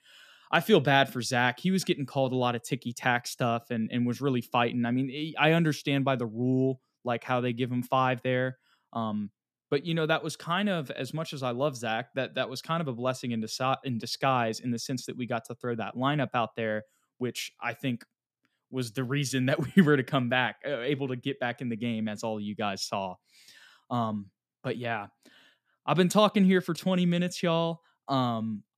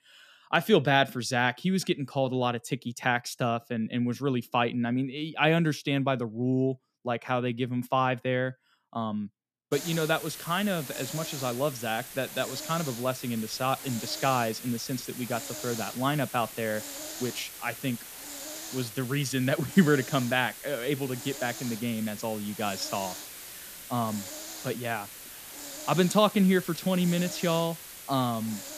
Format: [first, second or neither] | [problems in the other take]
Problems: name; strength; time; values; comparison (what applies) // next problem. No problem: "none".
first | hiss; noticeable; from 9.5 s on; 10 dB below the speech